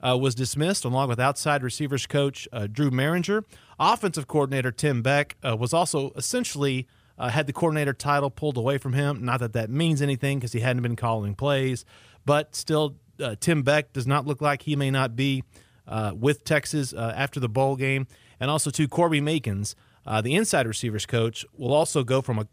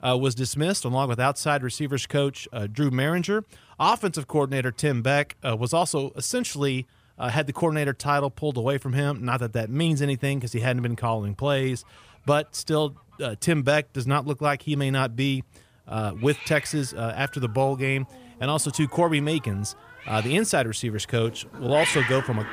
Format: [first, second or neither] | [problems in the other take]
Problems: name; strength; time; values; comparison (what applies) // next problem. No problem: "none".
first | animal sounds; loud; throughout; 9 dB below the speech